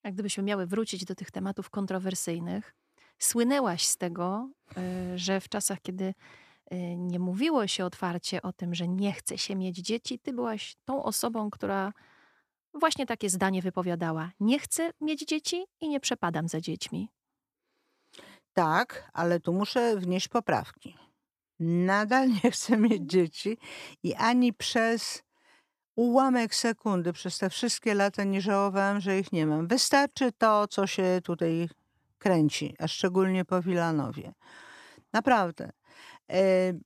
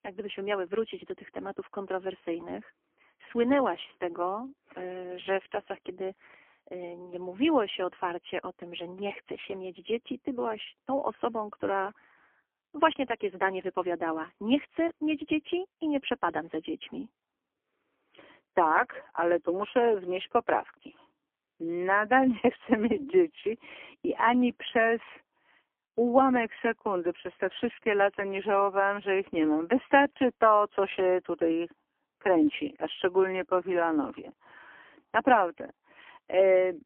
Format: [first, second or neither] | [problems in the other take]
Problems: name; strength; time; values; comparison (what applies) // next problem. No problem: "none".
first | phone-call audio; poor line; nothing above 3.5 kHz